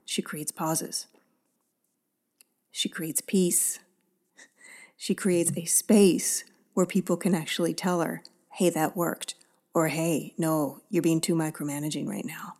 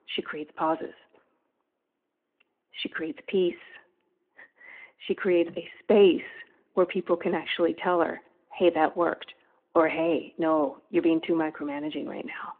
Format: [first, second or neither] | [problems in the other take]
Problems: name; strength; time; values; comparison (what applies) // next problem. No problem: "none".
first | phone-call audio